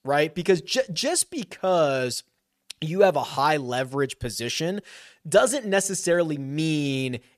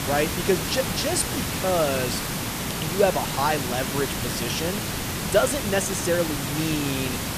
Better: first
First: none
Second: hiss; loud; throughout; 2 dB below the speech

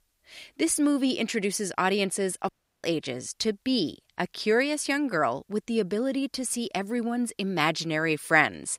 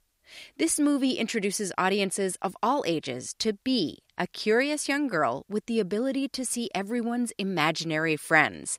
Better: second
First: audio cutting out; at 2.5 s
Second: none

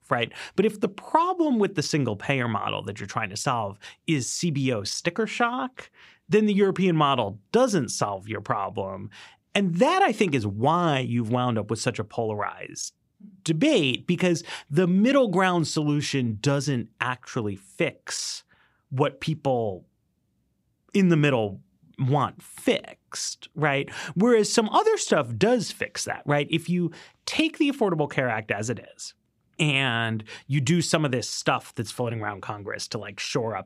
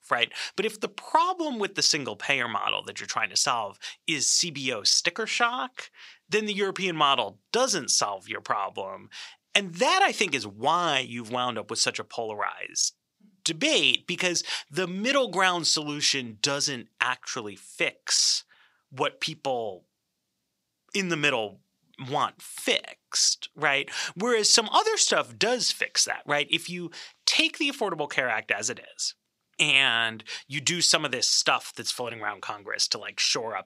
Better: first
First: none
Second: thin; somewhat; fading below 1 kHz

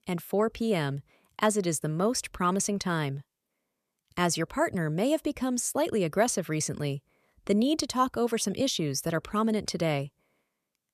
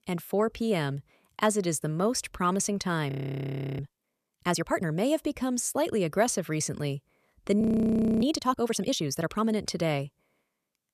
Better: first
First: none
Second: audio freezing; at 3 s for 0.5 s and at 7.5 s for 0.5 s

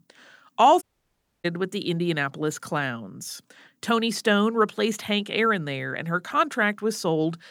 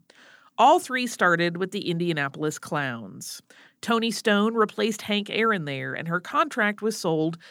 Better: second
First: audio cutting out; at 1 s for 0.5 s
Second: none

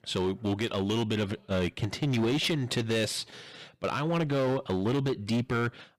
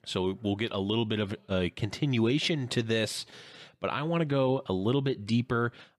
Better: second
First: distortion; slight; 13% of the sound clipped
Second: none

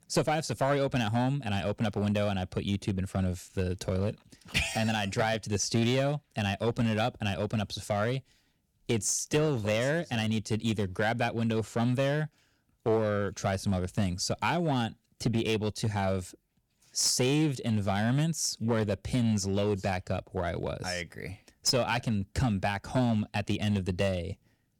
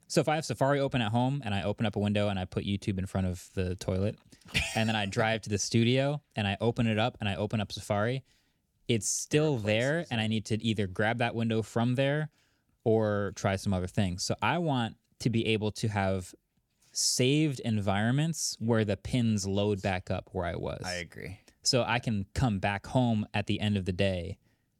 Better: second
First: distortion; slight; 4% of the sound clipped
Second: none

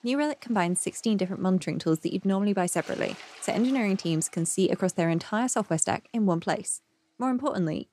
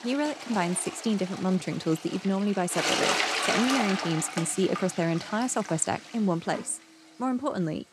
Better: first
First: household noises; faint; throughout; 25 dB below the speech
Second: household noises; loud; throughout; 2 dB below the speech

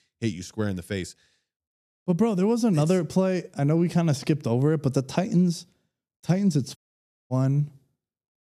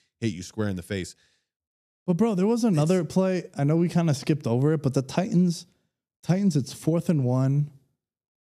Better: second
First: audio cutting out; at 7 s for 0.5 s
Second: none

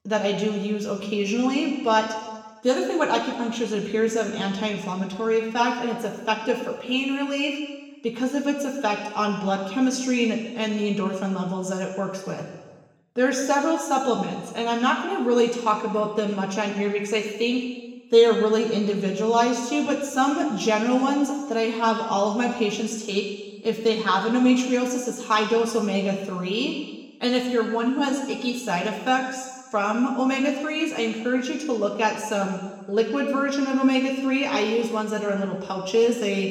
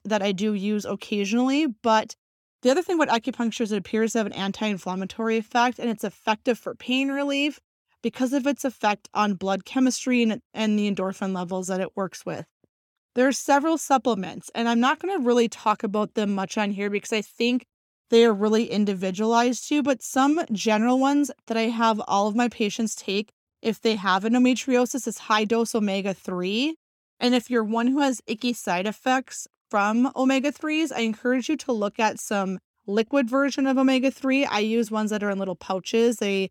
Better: second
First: room echo; noticeable; dies away in 1.2 s // off-mic speech; far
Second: none

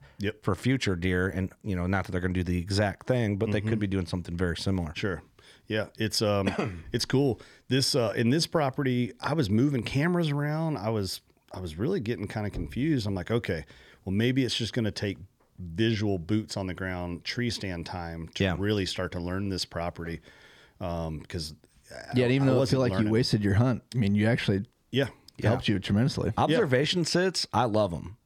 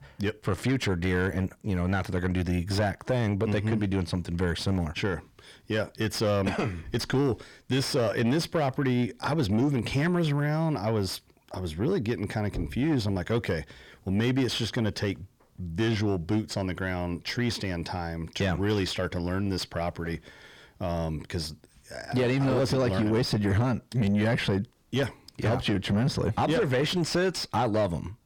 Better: first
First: none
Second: distortion; slight; 10 dB below the speech

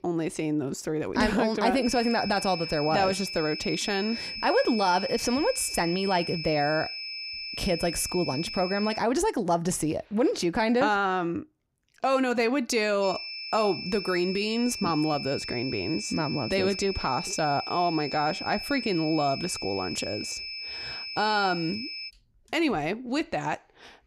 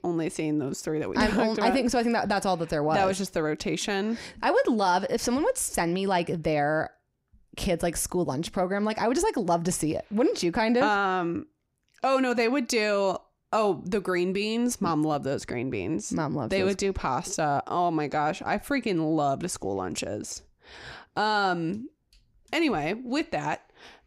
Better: second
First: high-pitched whine; loud; from 2 to 9 s and from 13 to 22 s; 5 kHz, 7 dB below the speech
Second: none

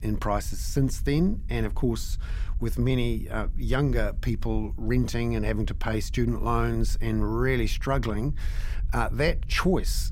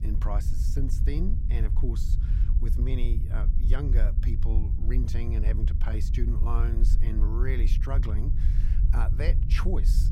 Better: first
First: low rumble; faint; throughout; 25 dB below the speech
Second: low rumble; loud; throughout; 6 dB below the speech

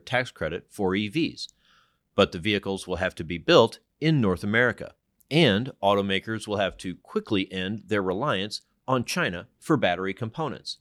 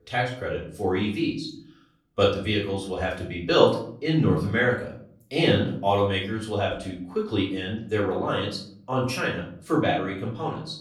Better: first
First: none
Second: off-mic speech; far // room echo; slight; dies away in 0.6 s

